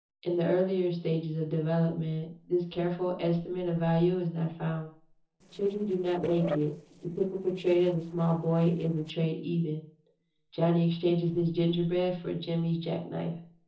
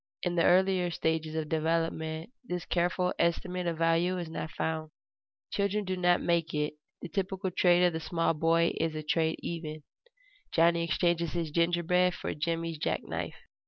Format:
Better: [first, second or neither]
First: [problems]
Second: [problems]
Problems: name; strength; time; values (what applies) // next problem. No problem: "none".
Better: second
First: noise reduction (neural separator model SepFormer DNS4)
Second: none